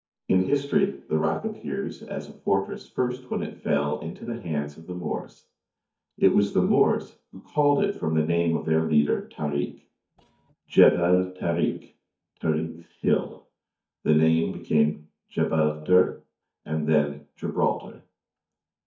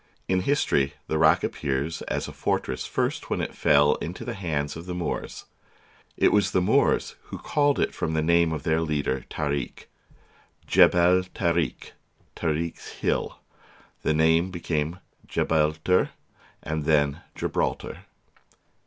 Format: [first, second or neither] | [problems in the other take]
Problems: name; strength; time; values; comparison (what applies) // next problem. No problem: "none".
second | noise reduction (neural mask model DeepFilterNet 3)